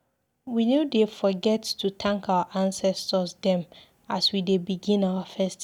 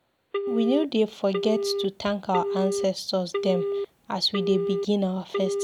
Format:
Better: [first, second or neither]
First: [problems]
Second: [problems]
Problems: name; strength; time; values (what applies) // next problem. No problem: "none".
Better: first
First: none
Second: background sound (Telephone); 3 dB below the speech